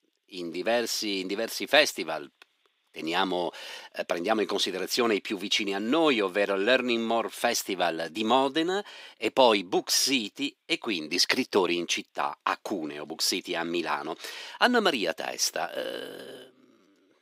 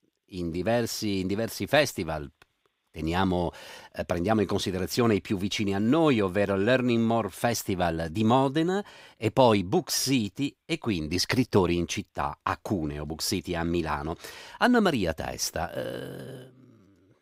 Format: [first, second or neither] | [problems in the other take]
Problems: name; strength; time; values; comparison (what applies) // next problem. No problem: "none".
second | thin; very slightly; fading below 300 Hz